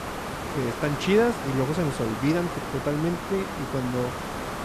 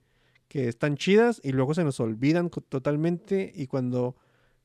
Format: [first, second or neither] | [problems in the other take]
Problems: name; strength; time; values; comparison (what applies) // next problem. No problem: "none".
second | hiss; loud; throughout; 6 dB below the speech